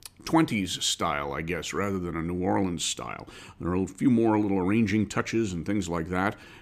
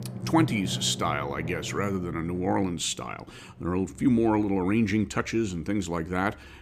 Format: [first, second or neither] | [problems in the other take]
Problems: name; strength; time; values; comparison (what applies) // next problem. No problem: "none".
first | background music; noticeable; throughout; 10 dB below the speech